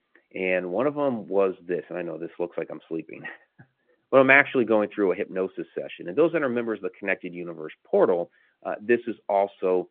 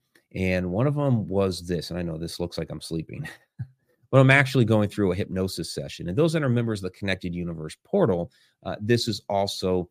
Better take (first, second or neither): second